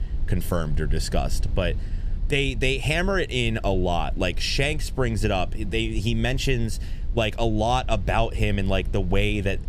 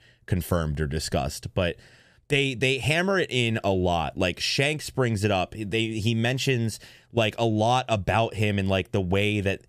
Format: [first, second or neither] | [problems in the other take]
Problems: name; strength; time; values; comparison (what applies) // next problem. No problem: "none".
second | low rumble; faint; throughout; 25 dB below the speech